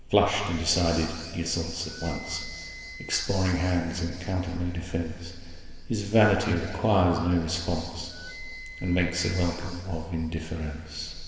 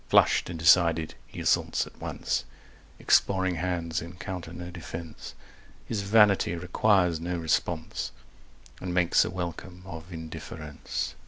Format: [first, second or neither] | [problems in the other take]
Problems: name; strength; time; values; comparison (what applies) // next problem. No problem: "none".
second | background sound (Wind instrument, woodwind instrument); 19 dB below the speech // room echo; dies away in 2.2 s